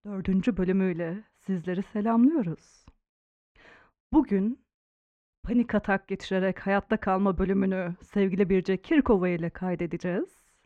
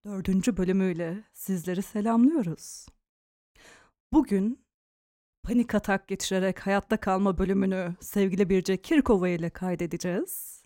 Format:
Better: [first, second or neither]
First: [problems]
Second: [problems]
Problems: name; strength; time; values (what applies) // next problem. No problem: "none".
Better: second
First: muffled; slightly; fading above 2.5 kHz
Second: none